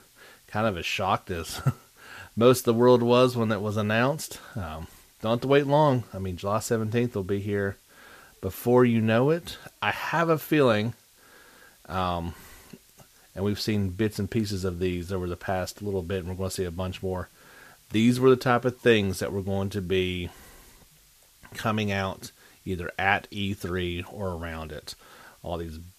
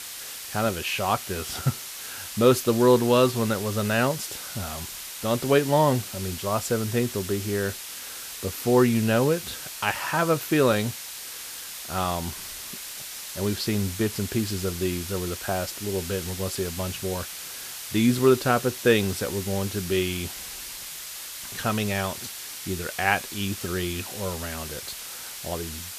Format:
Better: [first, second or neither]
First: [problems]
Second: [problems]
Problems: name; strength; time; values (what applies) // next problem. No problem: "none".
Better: first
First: hiss; faint; throughout; 30 dB below the speech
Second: hiss; loud; throughout; 9 dB below the speech